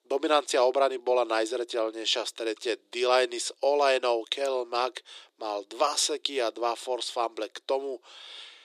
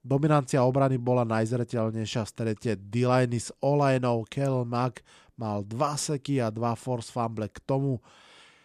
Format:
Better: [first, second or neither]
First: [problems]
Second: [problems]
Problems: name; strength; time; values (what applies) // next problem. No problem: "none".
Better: second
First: thin; very; fading below 350 Hz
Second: none